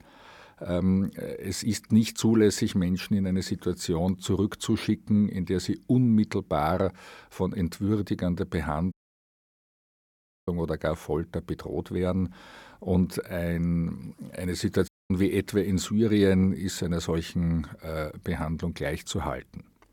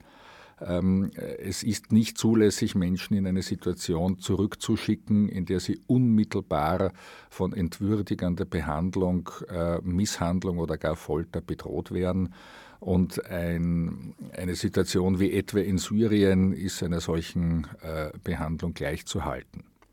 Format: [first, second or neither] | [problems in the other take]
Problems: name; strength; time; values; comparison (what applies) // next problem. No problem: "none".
second | audio cutting out; at 9 s for 1.5 s and at 15 s